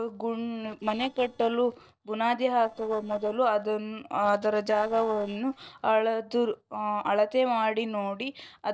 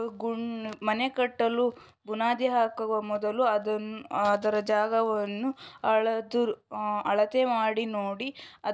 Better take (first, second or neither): second